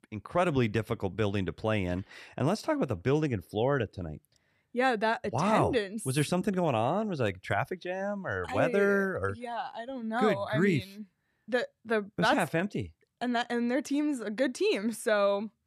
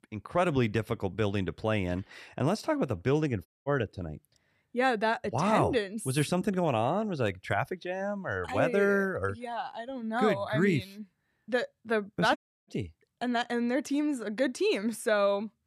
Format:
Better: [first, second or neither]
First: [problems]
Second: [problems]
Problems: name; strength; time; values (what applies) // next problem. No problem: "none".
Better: first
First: none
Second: audio cutting out; at 3.5 s and at 12 s